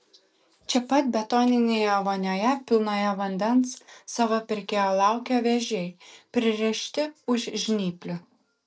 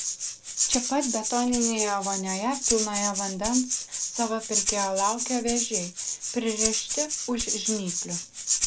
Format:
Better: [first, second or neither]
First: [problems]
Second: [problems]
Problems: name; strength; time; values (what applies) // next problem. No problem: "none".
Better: first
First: none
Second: background sound (Rattle (instrument)); as loud as the speech